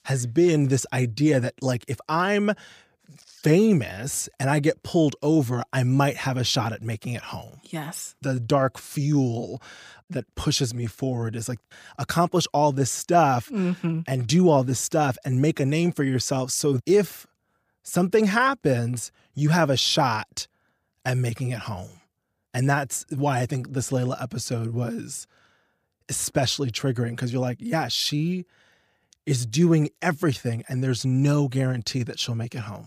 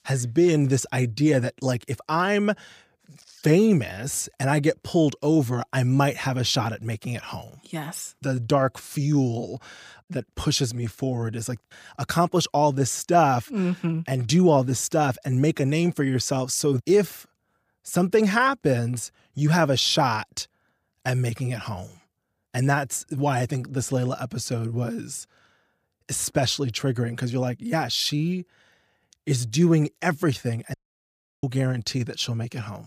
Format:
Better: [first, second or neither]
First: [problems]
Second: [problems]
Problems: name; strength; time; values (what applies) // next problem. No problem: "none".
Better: first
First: none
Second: audio cutting out; at 31 s for 0.5 s